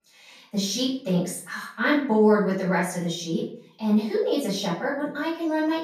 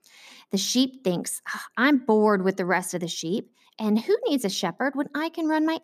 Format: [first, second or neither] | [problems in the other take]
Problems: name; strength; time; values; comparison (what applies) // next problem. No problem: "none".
second | off-mic speech; far // room echo; noticeable; dies away in 0.4 s